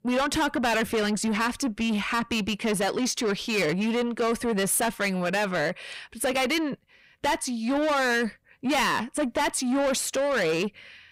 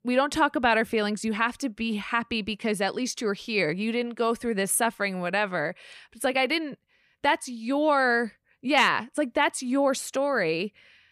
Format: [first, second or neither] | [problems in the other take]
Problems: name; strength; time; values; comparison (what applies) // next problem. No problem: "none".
second | distortion; heavy; 6 dB below the speech